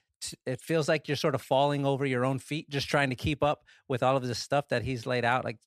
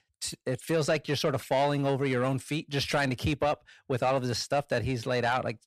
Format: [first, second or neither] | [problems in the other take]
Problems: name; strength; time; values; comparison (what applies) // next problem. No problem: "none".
first | distortion; slight; 10 dB below the speech